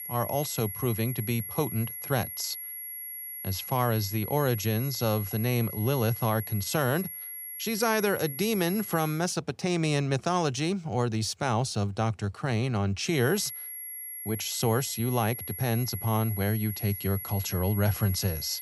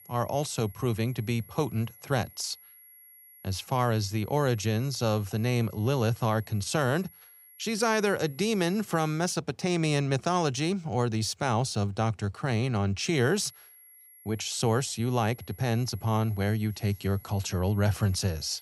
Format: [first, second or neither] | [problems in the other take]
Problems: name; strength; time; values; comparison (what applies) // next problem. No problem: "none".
second | high-pitched whine; loud; until 9 s and from 13 s on; 11.5 kHz, 7 dB below the speech; faint in the second